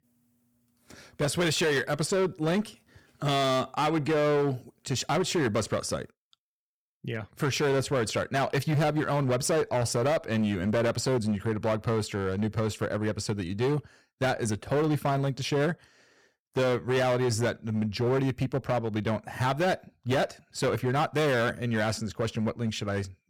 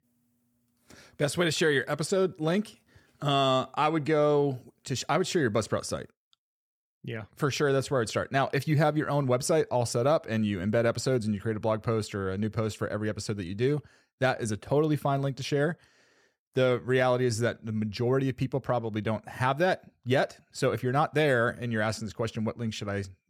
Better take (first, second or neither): second